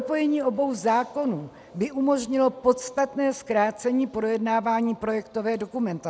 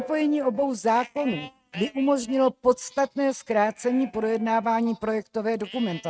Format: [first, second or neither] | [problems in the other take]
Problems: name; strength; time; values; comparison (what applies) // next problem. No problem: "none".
first | noise reduction (neural mask model RNNoise)